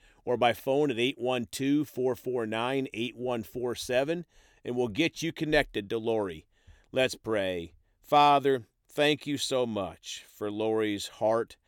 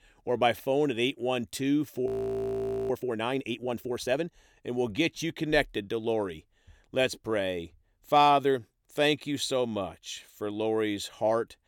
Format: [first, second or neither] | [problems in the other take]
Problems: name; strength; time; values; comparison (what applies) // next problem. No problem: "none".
first | audio freezing; at 2 s for 1 s